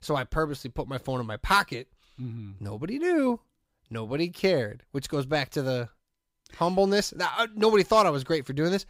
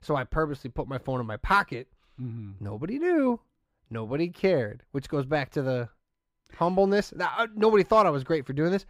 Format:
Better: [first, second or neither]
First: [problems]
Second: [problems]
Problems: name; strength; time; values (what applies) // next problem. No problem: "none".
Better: first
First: none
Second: muffled; slightly; fading above 3 kHz